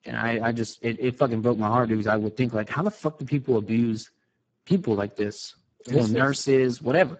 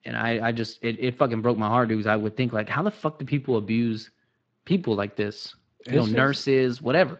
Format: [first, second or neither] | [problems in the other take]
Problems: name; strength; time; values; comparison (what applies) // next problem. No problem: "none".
second | garbled, watery; badly; nothing above 7.5 kHz; slightly in the second